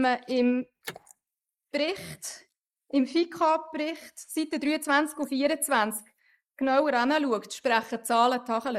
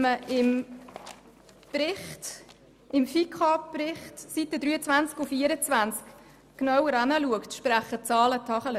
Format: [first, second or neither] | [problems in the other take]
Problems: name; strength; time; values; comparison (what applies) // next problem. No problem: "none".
second | noise reduction (neural mask model Resemble Enhance denoiser)